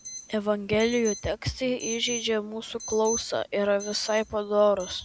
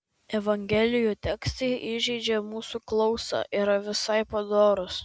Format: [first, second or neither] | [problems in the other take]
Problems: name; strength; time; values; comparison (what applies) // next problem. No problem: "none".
second | background sound (Alarm); 14 dB below the speech